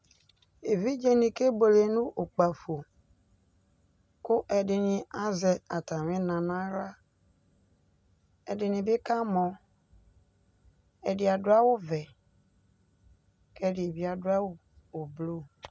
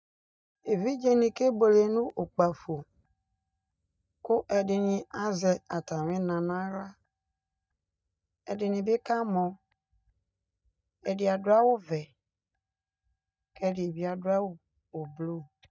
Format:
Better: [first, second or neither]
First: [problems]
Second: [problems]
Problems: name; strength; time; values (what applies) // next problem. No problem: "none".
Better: first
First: none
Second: noise reduction (neural mask model DeepFilterNet 3)